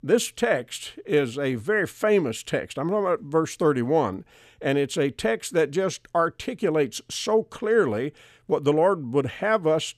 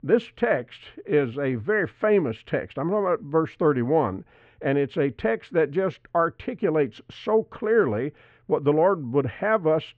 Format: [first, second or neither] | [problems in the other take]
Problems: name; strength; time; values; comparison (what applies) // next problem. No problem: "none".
first | muffled; very; fading above 2.5 kHz